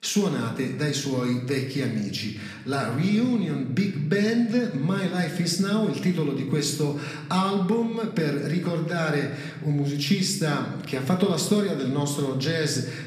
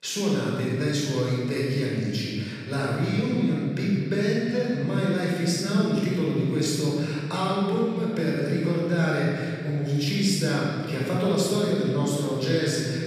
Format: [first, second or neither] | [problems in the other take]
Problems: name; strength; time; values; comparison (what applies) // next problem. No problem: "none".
first | room echo; strong; dies away in 2 s; slight in the first // off-mic speech; far; somewhat distant in the first